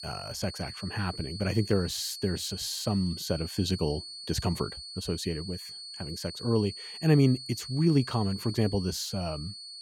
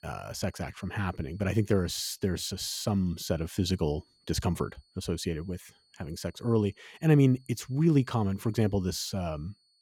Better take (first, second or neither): second